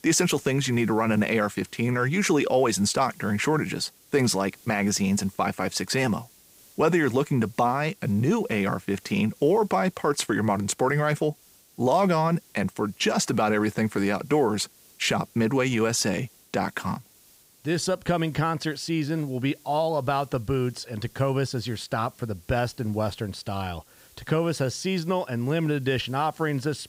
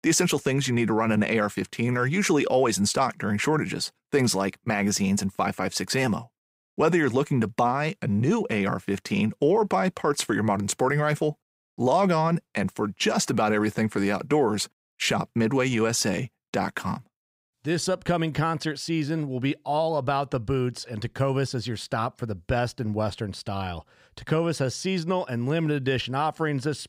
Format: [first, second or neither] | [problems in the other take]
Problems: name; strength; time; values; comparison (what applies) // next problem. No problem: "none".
second | hiss; faint; throughout; 25 dB below the speech